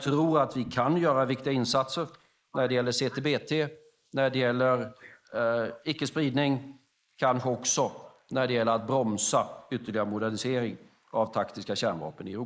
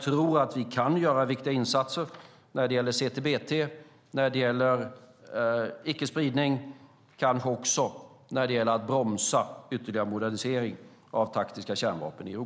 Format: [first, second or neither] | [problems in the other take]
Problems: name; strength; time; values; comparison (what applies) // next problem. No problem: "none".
second | noise reduction (neural mask model Resemble Enhance denoiser)